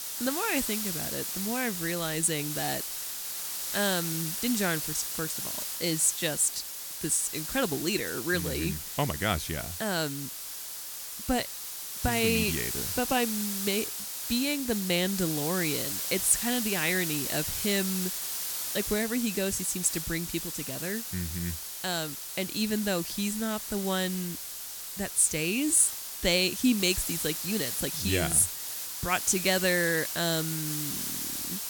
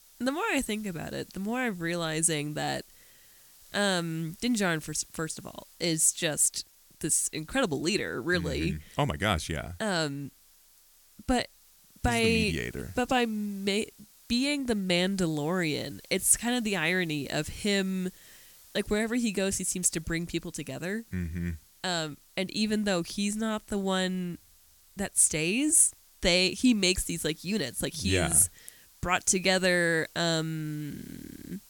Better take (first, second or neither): second